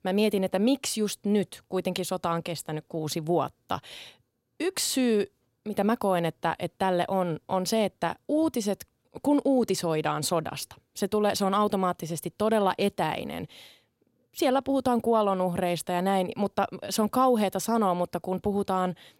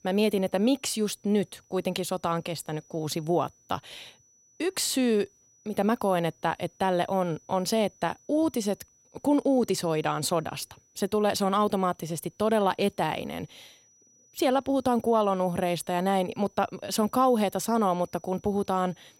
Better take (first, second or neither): first